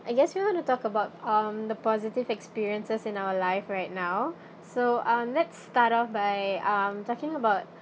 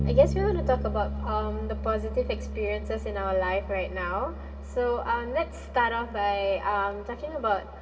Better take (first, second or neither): first